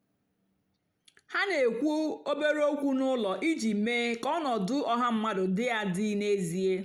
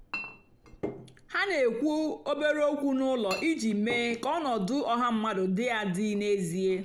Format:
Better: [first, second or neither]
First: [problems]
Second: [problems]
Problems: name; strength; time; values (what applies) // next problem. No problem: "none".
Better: first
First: none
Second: background sound (Chink, clink); 16 dB below the speech